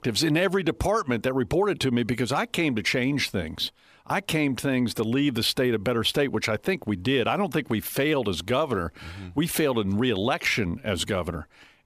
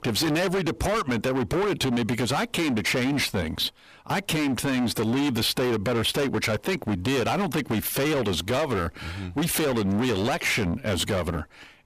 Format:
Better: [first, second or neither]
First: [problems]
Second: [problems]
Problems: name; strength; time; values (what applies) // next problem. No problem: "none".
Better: first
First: none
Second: distortion; heavy; 29% of the sound clipped